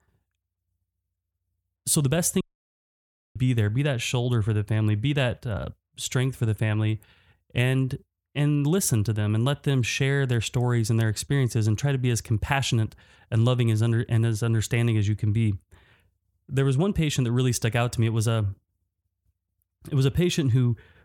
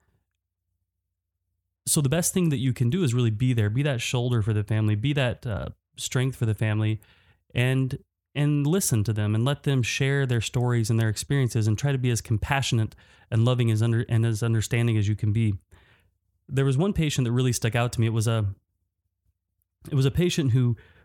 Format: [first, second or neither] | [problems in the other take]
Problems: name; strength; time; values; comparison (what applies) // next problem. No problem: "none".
second | audio cutting out; at 2.5 s for 1 s